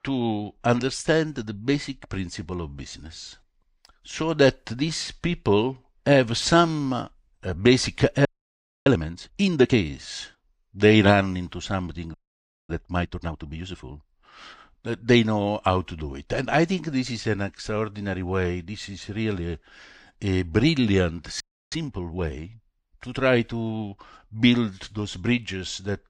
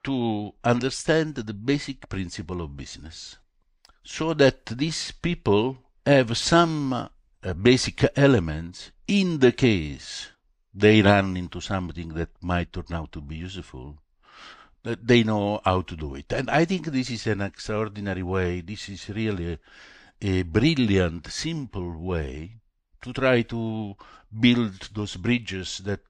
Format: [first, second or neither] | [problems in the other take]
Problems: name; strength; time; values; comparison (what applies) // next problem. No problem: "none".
second | audio freezing; at 8.5 s for 0.5 s, at 12 s for 0.5 s and at 21 s